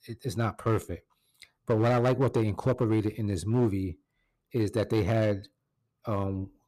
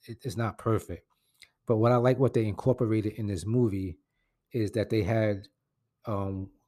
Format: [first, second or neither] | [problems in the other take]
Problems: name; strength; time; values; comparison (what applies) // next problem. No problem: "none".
second | distortion; slight; 5% of the sound clipped